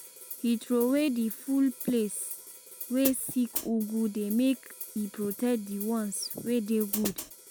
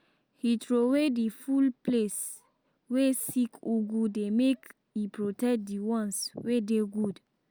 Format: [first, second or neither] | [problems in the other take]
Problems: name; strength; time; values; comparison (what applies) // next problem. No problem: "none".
second | background sound (Hi-hat); 11 dB below the speech